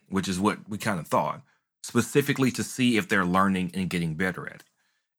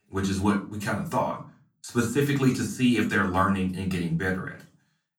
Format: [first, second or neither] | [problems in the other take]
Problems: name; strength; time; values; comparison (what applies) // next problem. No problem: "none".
first | off-mic speech; far // room echo; very slight; dies away in 0.3 s